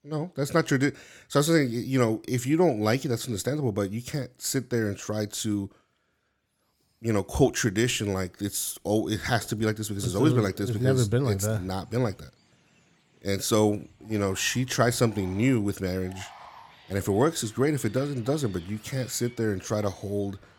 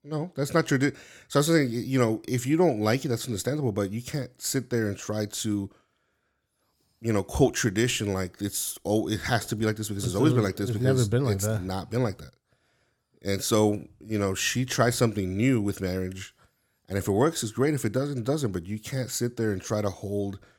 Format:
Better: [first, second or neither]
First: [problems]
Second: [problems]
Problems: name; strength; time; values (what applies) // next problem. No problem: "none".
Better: second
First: animal sounds; faint; throughout; 25 dB below the speech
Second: none